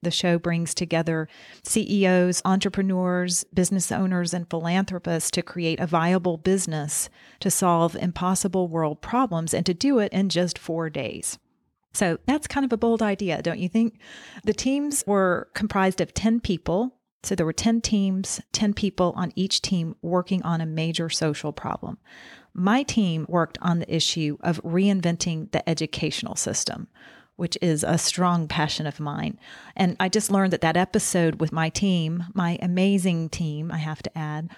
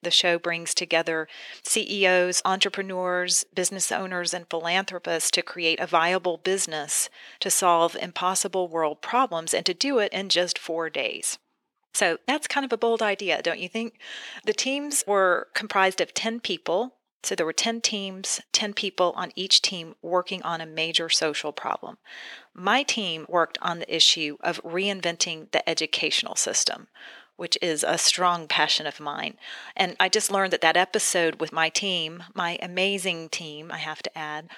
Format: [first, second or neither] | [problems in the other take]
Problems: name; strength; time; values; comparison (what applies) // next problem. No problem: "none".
first | thin; very; fading below 450 Hz